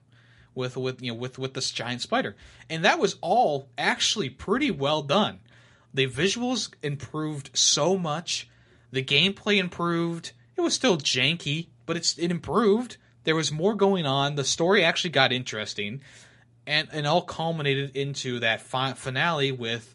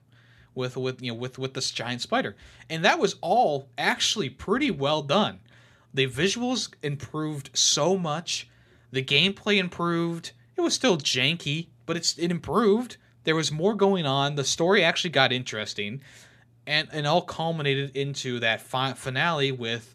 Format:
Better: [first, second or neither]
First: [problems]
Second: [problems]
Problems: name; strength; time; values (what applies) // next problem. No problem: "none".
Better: second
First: garbled, watery; slightly; nothing above 10.5 kHz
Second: none